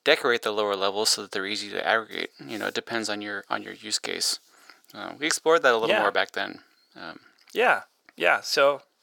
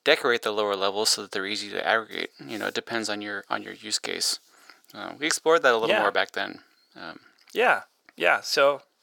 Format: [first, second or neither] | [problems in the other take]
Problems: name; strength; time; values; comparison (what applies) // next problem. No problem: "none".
neither | thin; very; fading below 600 Hz; the same in both